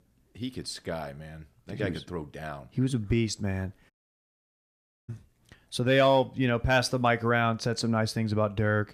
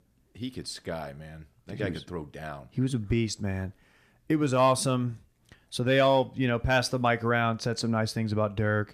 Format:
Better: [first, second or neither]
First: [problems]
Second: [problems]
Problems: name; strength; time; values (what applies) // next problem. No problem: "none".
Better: second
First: audio cutting out; at 4 s for 1 s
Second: none